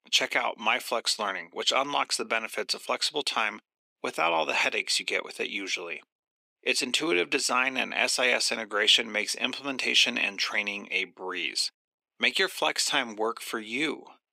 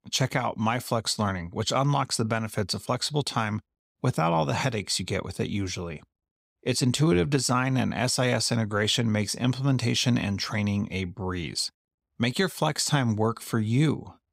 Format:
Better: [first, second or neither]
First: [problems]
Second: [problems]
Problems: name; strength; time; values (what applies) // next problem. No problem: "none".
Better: second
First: thin; very; fading below 300 Hz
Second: none